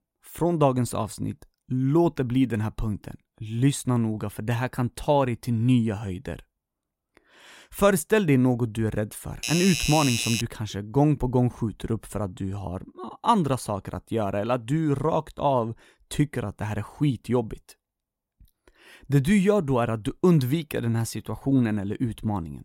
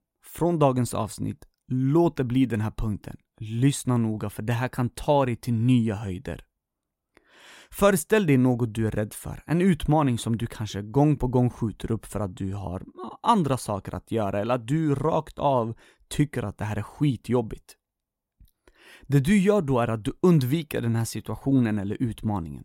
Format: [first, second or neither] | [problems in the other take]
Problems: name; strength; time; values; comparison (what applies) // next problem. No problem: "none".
second | doorbell; noticeable; from 9.5 to 10 s; peak level with the speech